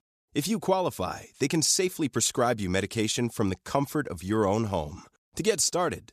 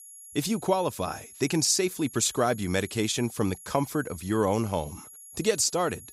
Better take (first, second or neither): first